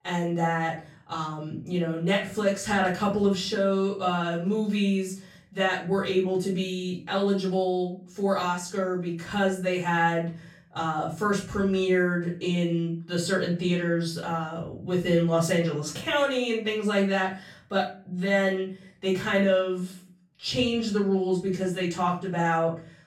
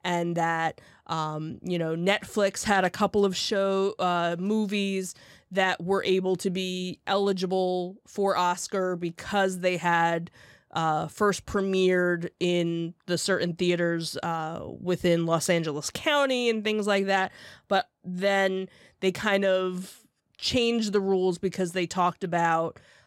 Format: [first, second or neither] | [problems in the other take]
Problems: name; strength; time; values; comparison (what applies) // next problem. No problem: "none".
second | off-mic speech; far // room echo; slight; dies away in 0.4 s